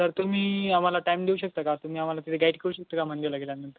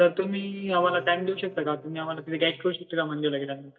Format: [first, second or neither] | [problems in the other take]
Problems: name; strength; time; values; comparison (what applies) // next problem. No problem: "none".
first | noise reduction (neural mask model DeepFilterNet 3)